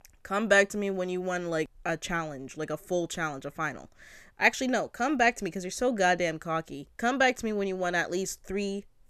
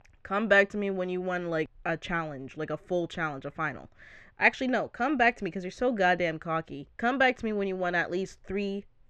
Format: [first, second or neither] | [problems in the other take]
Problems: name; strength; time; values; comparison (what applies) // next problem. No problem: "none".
first | muffled; slightly; fading above 3 kHz